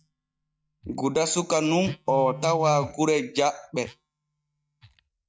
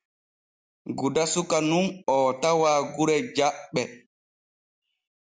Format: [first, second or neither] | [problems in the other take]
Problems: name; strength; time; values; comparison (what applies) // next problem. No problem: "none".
second | noise reduction (neural mask model DeepFilterNet 3)